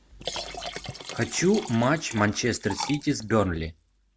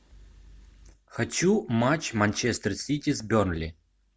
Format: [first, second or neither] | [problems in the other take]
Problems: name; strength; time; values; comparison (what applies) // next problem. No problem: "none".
second | background sound (Liquid); 12 dB below the speech